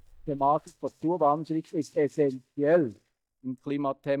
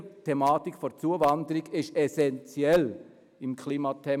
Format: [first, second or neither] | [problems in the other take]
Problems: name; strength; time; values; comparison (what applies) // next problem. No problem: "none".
second | noise reduction (neural mask model DeepFilterNet 3)